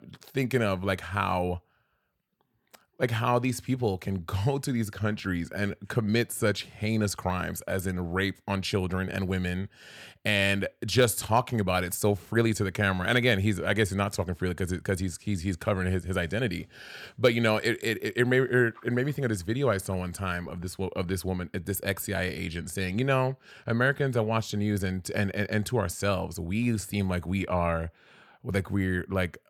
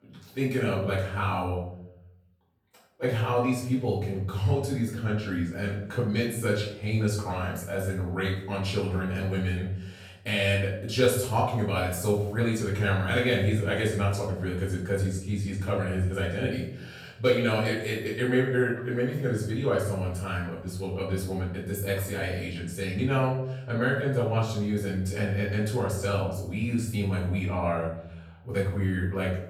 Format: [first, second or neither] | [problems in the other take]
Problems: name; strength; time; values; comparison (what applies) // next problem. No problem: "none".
first | off-mic speech; far // room echo; noticeable; dies away in 0.7 s